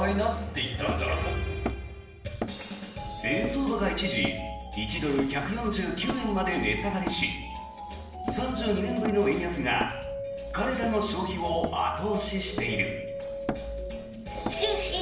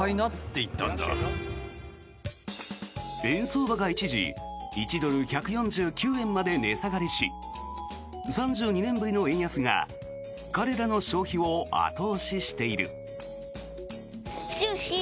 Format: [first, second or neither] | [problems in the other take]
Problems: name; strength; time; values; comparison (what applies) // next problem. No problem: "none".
second | background sound (Hammer); 12 dB below the speech // room echo; dies away in 0.7 s